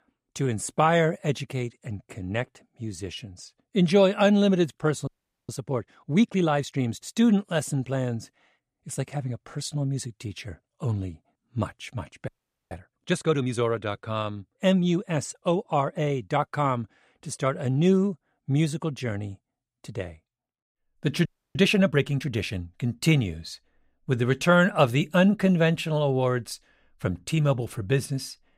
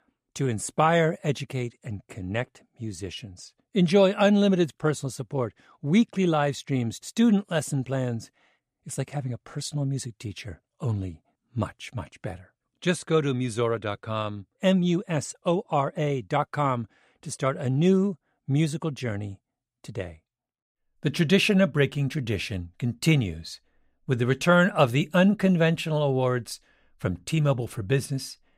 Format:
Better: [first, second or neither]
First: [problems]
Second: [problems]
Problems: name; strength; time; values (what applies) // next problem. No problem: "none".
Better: second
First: audio freezing; at 5 s, at 12 s and at 21 s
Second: none